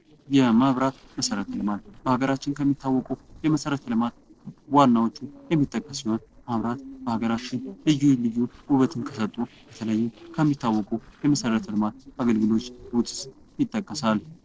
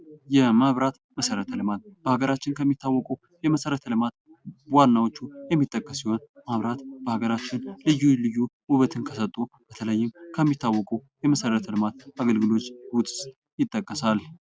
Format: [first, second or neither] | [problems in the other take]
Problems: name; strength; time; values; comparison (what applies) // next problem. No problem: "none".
second | noise reduction (neural separator model SepFormer DNS4)